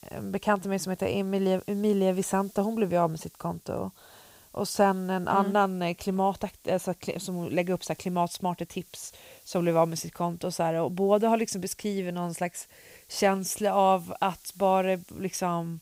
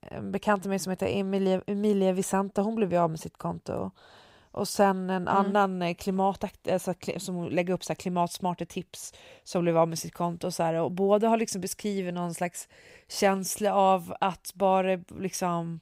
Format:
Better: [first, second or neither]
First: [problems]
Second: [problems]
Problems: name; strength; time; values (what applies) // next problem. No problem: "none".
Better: second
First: hiss; faint; throughout; 25 dB below the speech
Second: none